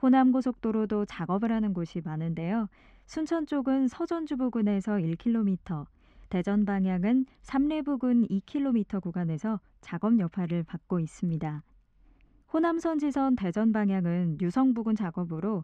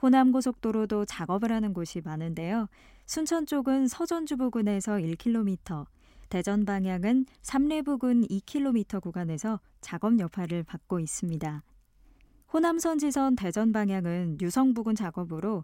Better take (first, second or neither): second